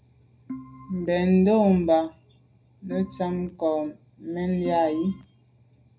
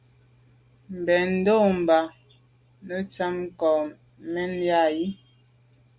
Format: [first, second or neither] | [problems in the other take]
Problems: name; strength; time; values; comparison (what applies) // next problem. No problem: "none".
second | background sound (Organ); 17 dB below the speech // room echo; dies away in 0.4 s